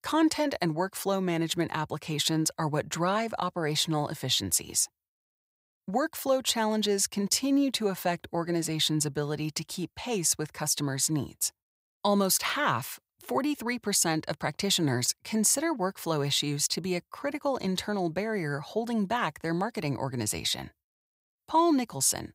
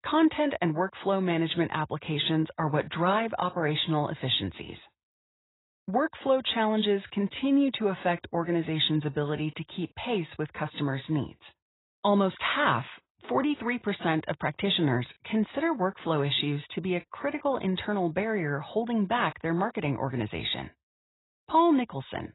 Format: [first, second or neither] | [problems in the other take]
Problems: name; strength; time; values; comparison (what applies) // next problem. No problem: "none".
first | garbled, watery; badly; nothing above 4 kHz